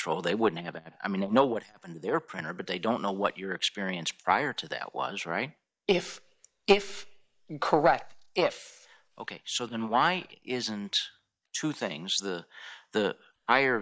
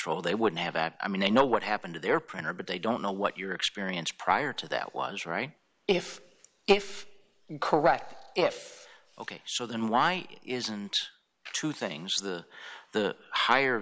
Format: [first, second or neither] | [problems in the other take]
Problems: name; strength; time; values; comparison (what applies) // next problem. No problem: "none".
second | noise reduction (neural mask model DeepFilterNet 3)